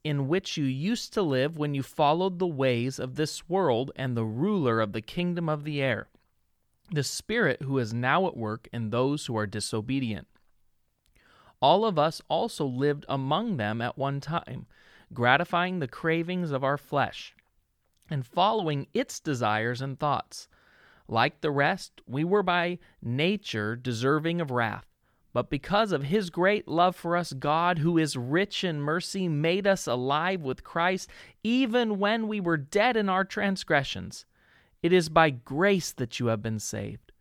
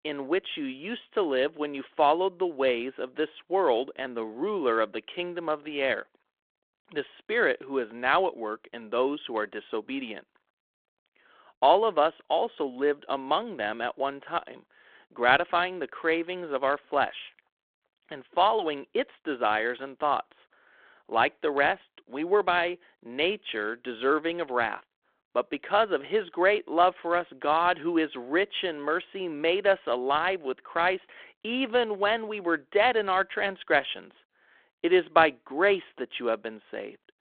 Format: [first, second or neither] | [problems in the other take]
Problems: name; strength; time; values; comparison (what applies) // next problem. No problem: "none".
first | phone-call audio